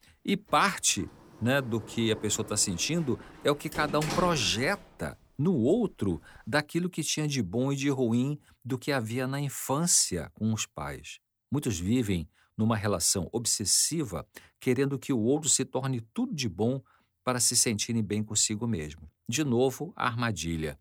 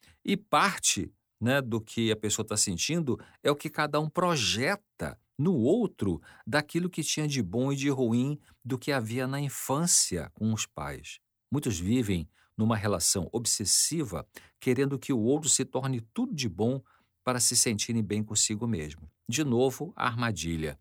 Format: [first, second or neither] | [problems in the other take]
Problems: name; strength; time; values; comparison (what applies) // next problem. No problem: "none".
second | door banging; noticeable; from 0.5 to 6.5 s; peak 5 dB below the speech